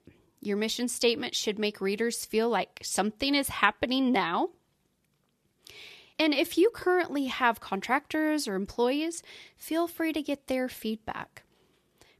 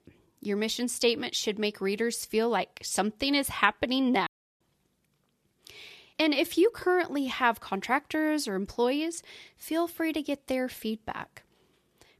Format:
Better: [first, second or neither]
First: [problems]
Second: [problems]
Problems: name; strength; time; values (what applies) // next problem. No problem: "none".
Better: first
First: none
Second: audio cutting out; at 4.5 s